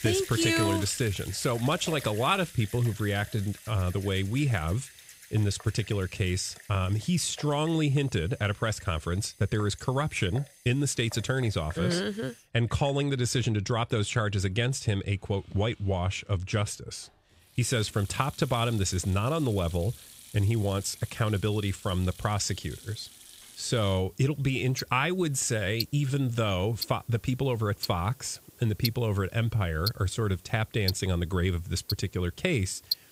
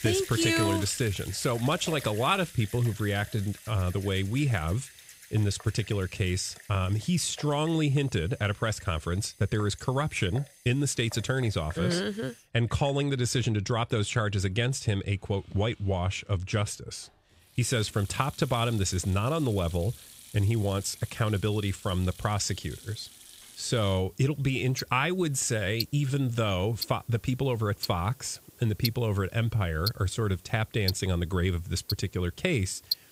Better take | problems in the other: neither | household noises; noticeable; throughout; 15 dB below the speech; the same in both

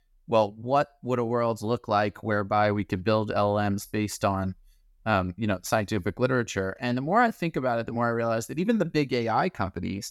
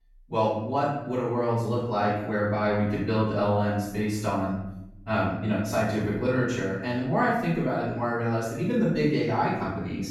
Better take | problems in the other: first | off-mic speech; far // room echo; strong; dies away in 0.9 s

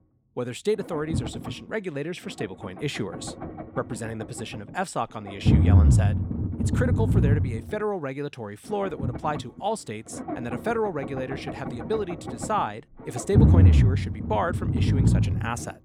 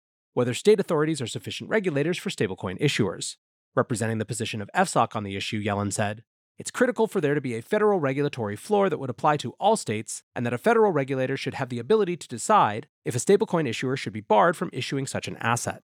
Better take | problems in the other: second | low rumble; loud; throughout; 4 dB below the speech

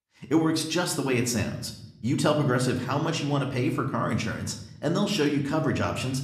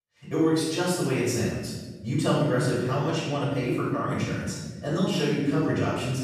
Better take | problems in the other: first | room echo; strong; dies away in 1.2 s; slight in the first // off-mic speech; far

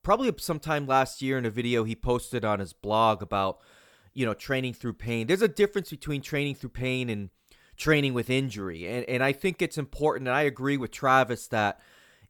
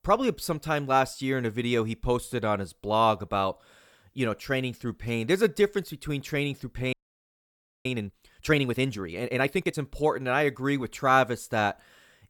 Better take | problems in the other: first | audio freezing; at 7 s for 1 s

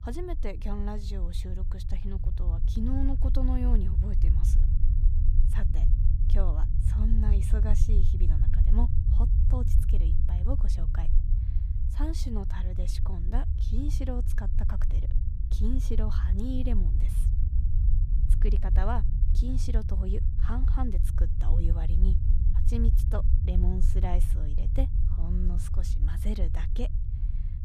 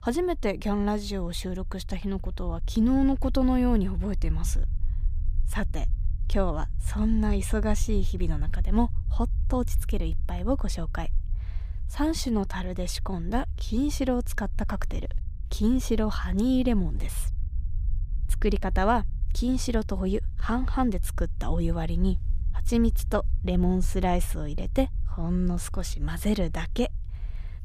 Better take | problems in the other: second | low rumble; loud; throughout; 5 dB below the speech; faint in the second

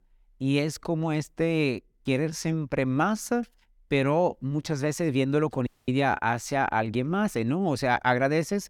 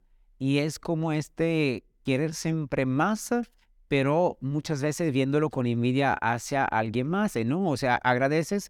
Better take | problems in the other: second | audio cutting out; at 5.5 s

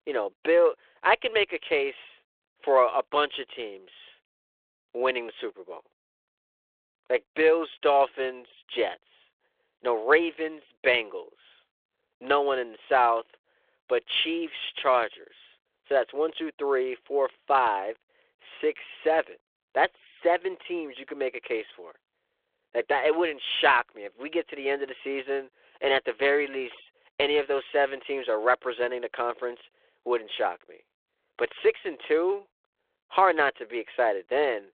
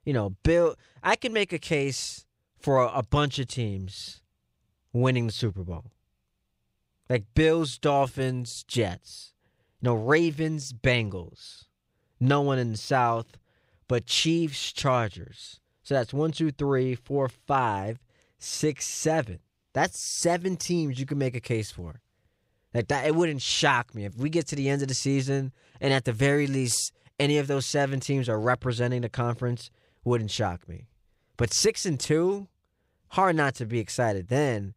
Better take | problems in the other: second | phone-call audio

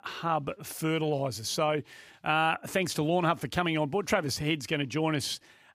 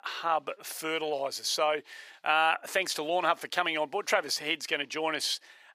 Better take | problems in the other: first | thin; very; fading below 600 Hz

